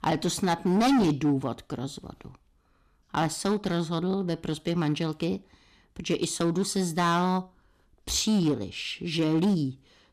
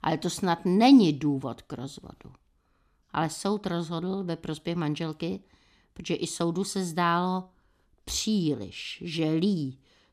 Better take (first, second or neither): second